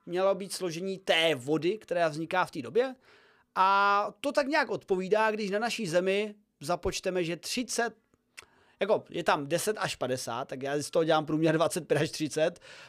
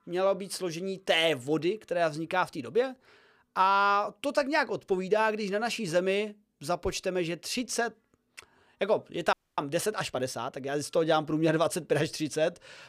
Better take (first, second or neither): first